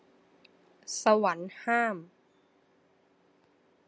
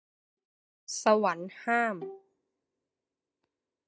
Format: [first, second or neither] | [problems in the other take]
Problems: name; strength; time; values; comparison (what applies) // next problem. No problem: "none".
first | noise reduction (neural mask model DeepFilterNet 3)